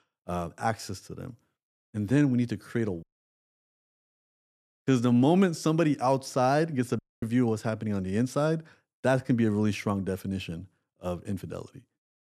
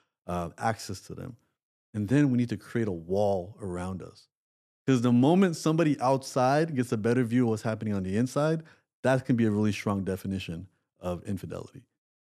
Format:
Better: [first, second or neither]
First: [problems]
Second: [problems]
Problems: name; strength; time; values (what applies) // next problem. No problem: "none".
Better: second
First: audio cutting out; at 3 s for 1.5 s and at 7 s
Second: none